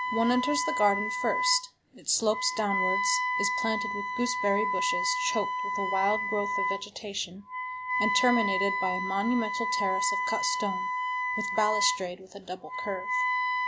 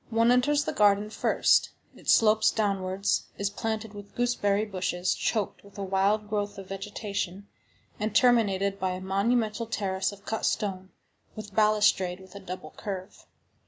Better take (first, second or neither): second